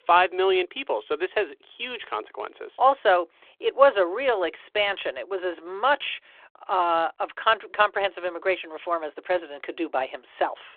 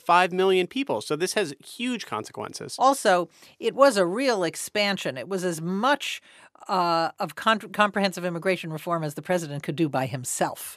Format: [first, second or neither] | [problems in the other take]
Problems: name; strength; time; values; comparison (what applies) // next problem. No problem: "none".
second | phone-call audio